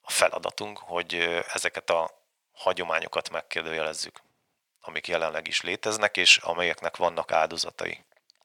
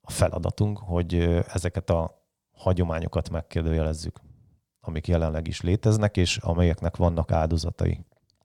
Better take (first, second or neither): second